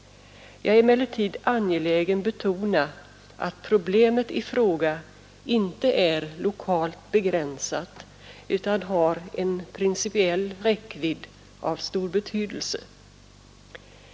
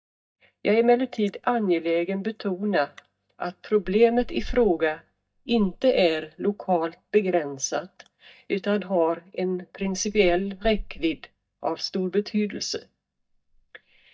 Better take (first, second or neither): first